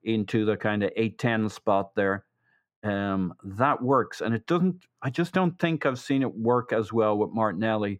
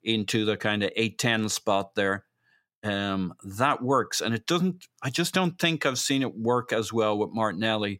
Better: second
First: muffled; very; fading above 3 kHz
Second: none

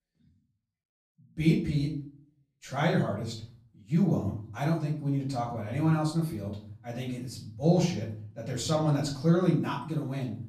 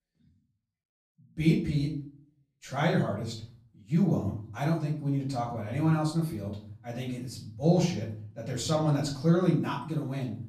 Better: neither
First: off-mic speech; far // room echo; slight; dies away in 0.5 s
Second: off-mic speech; far // room echo; slight; dies away in 0.5 s

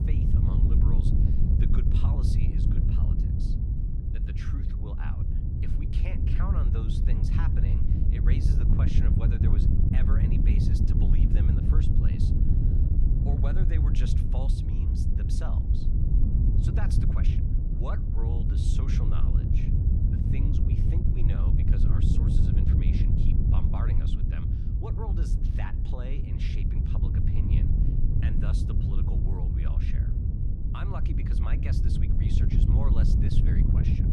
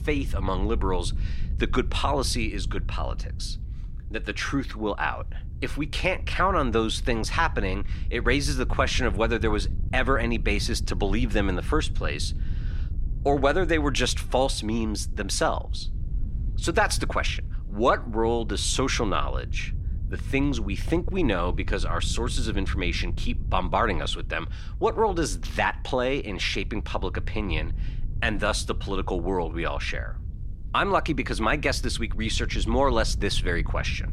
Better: second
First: wind noise on the microphone; heavy; 4 dB above the speech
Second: wind noise on the microphone; occasional gusts; 25 dB below the speech

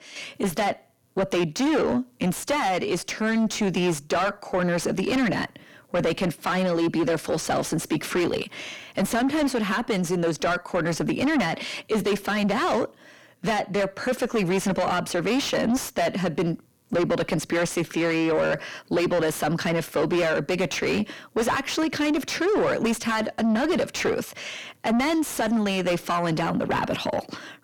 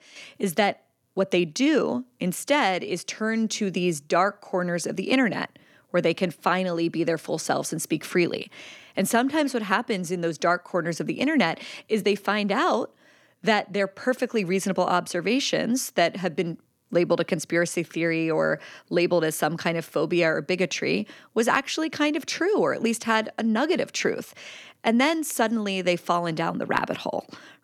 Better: second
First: distortion; heavy; 6 dB below the speech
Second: none

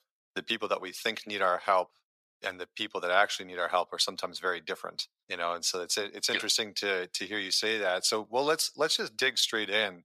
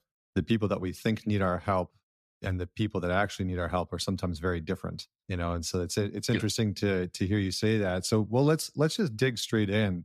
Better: second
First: thin; very; fading below 700 Hz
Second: none

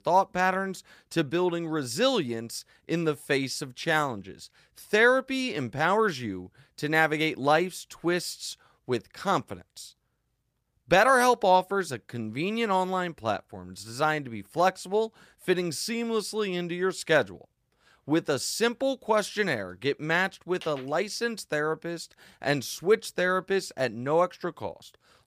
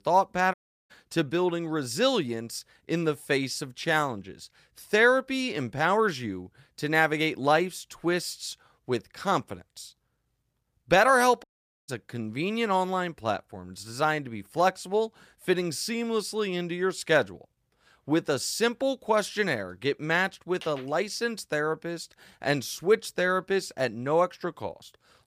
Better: first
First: none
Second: audio cutting out; at 0.5 s and at 11 s

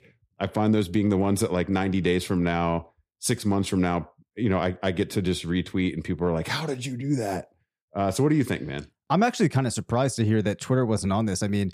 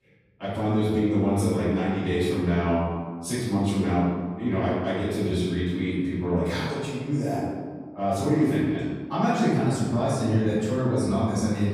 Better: first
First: none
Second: off-mic speech; far // room echo; strong; dies away in 1.5 s

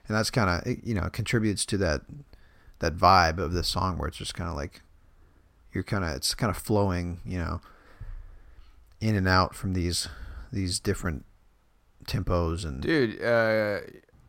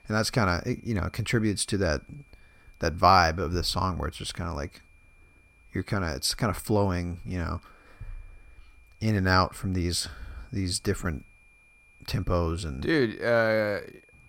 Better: first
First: none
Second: high-pitched whine; faint; throughout; 2.5 kHz, 30 dB below the speech

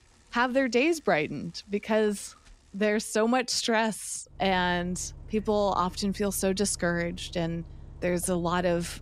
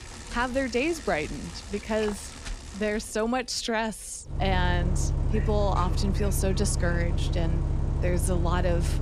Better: first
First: traffic noise; faint; throughout; 20 dB below the speech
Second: traffic noise; loud; throughout; 1 dB below the speech

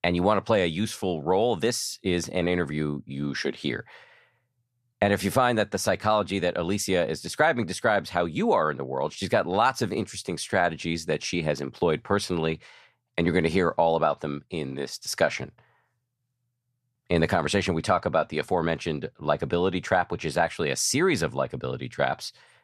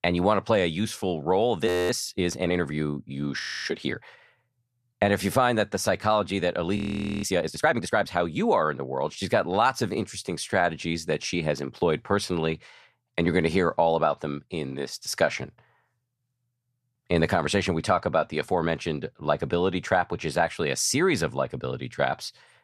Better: first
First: none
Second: audio freezing; at 1.5 s, at 3.5 s and at 7 s

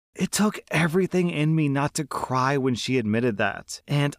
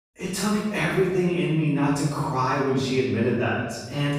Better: first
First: none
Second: off-mic speech; far // room echo; strong; dies away in 1.2 s

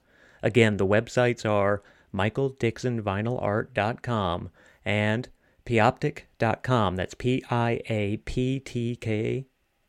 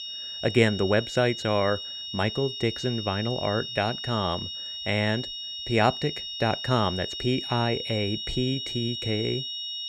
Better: first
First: none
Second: high-pitched whine; loud; throughout; 3.5 kHz, 5 dB below the speech

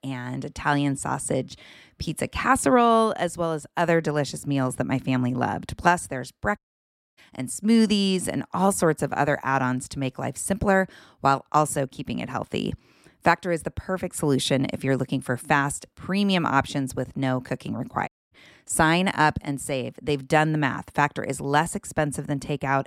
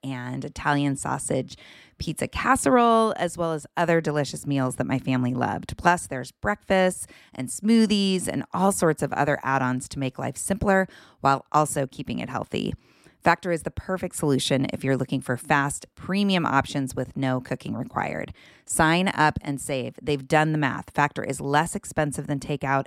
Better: second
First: audio cutting out; at 6.5 s for 0.5 s and at 18 s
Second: none

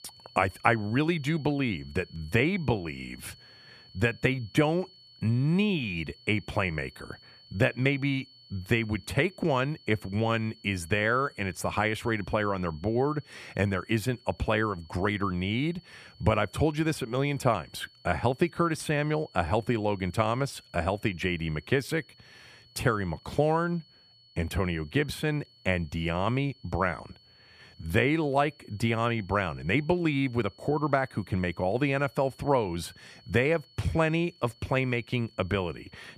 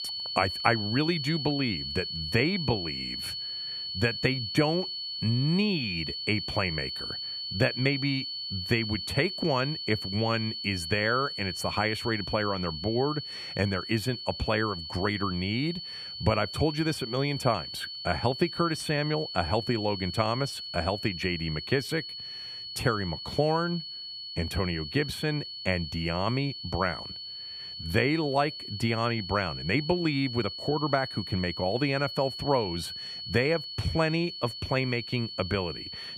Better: first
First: high-pitched whine; faint; throughout; 4.5 kHz, 25 dB below the speech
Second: high-pitched whine; loud; throughout; 4.5 kHz, 6 dB below the speech

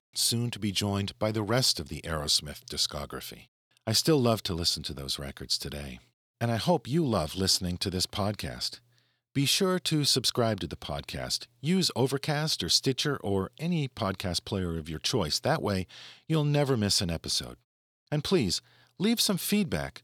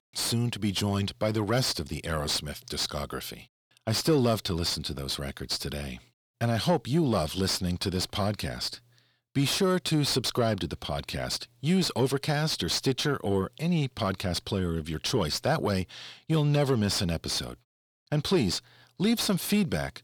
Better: first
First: none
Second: distortion; slight; 10 dB below the speech

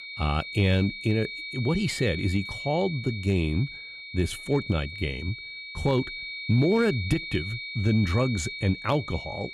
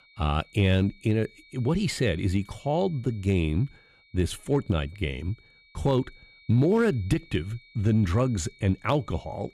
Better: second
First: high-pitched whine; loud; throughout; 2.5 kHz, 8 dB below the speech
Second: high-pitched whine; faint; throughout; 2.5 kHz, 25 dB below the speech

